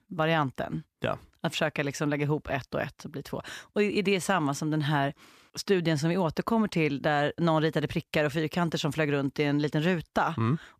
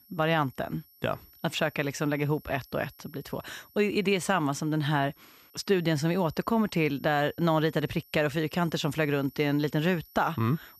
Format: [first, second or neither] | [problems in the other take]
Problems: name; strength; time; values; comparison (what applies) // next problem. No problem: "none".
first | high-pitched whine; faint; throughout; 12 kHz, 25 dB below the speech